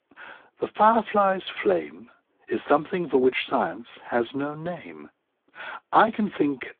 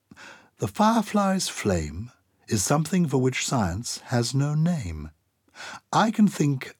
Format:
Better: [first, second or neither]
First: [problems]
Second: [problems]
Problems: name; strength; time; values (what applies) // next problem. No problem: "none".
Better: second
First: phone-call audio; poor line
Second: none